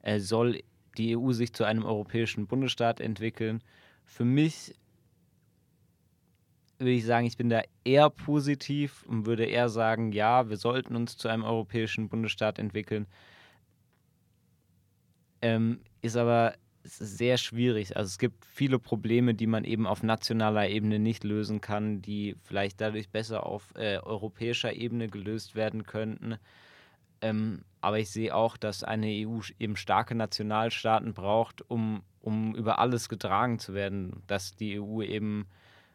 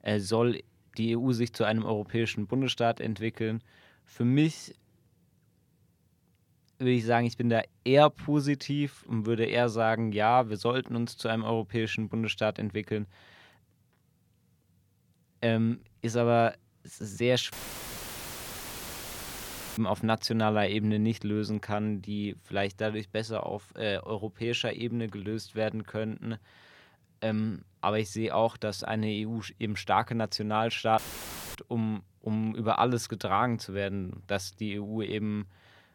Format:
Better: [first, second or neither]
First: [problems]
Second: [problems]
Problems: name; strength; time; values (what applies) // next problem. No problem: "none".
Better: first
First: none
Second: audio cutting out; filled with static; at 18 s for 2.5 s and at 31 s for 0.5 s